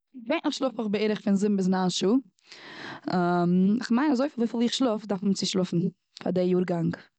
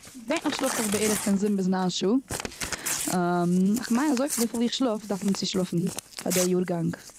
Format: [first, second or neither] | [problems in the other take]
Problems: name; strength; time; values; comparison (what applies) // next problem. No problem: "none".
first | background sound (Crumpling, crinkling / Tearing); 9 dB below the speech